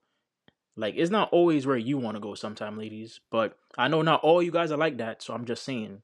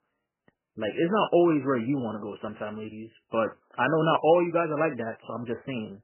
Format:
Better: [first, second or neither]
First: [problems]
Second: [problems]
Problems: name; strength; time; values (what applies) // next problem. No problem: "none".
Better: first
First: none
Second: garbled, watery; badly; nothing above 3 kHz